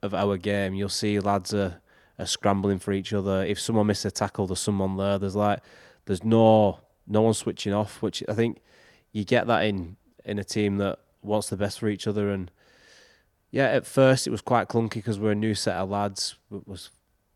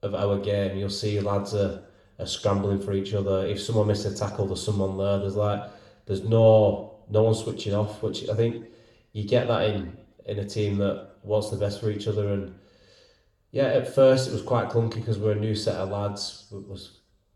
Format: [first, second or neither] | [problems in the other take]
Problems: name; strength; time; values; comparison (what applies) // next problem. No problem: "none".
first | room echo; slight; dies away in 0.6 s